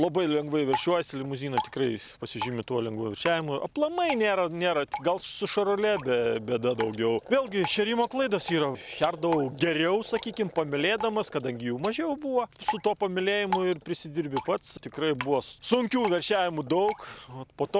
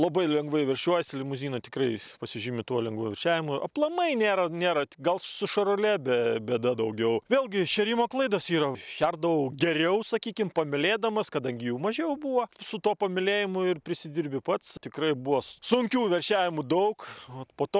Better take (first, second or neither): second